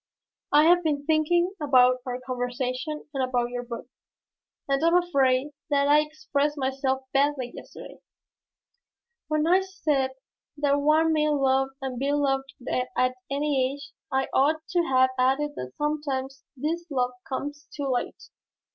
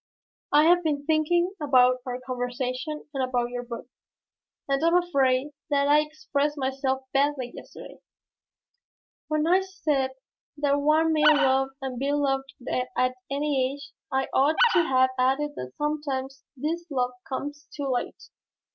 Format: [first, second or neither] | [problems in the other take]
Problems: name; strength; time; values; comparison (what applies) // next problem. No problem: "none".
first | noise reduction (neural mask model RNNoise)